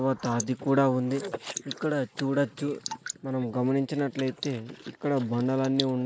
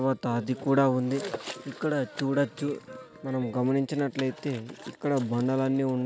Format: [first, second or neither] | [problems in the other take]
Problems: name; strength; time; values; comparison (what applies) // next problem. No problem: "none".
second | noise reduction (neural mask model Resemble Enhance denoiser)